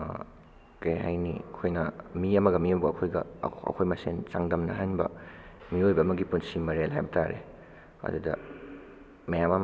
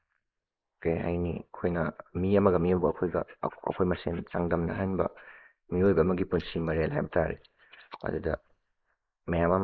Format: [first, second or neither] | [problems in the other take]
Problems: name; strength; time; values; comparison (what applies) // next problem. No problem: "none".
first | noise reduction (neural mask model Resemble Enhance denoiser)